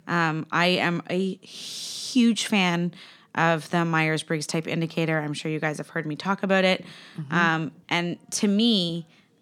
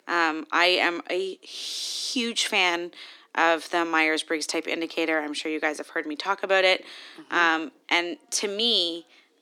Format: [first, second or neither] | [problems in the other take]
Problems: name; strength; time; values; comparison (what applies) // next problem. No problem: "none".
first | thin; very; fading below 300 Hz